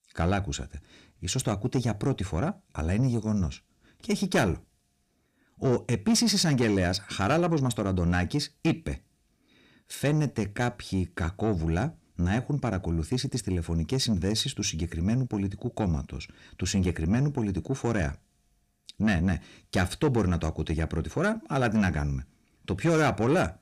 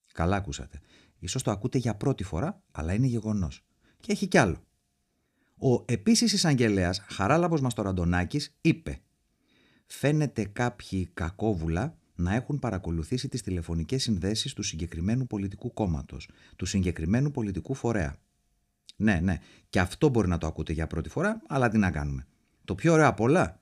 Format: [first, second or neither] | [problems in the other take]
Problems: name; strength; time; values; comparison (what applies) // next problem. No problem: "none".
second | distortion; slight; 10 dB below the speech